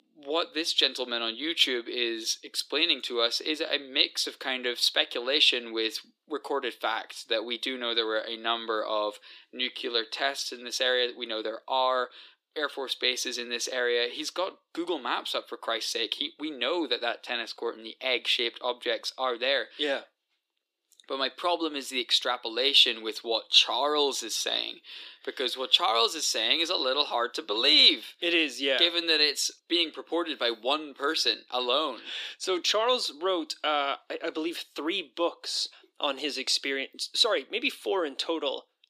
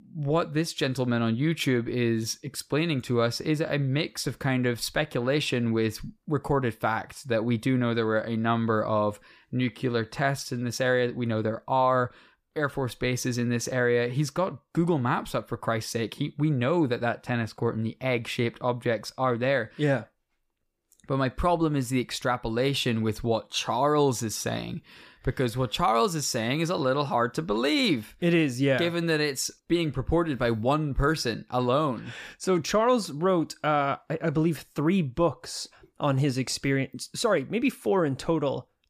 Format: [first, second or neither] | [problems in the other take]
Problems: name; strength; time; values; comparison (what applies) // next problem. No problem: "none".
second | thin; somewhat; fading below 300 Hz